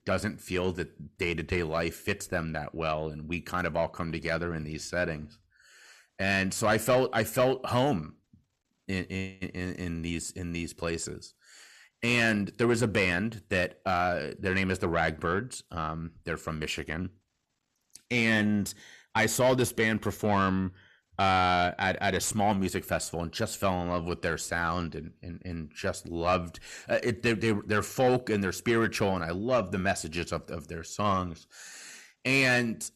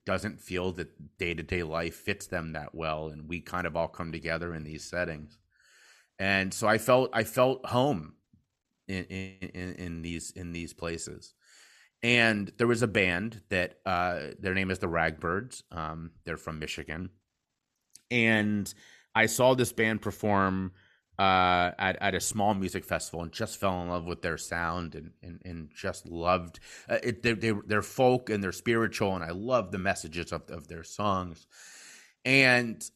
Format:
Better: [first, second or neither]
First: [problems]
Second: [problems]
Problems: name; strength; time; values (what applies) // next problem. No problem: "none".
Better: second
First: distortion; slight; 10 dB below the speech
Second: none